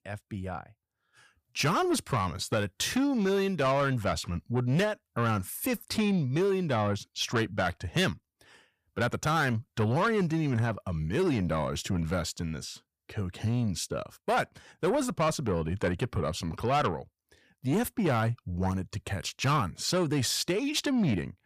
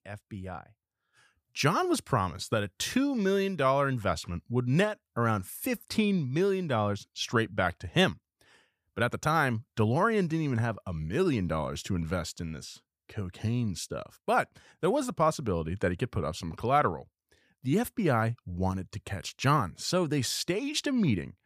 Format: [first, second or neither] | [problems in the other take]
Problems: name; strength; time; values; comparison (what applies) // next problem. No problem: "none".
second | distortion; slight; 10 dB below the speech